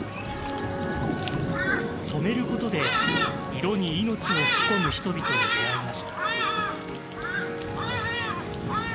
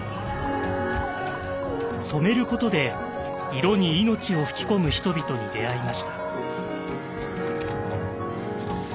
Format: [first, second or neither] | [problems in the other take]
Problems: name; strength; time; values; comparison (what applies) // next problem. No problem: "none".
second | background sound (Thunderstorm); 2 dB above the speech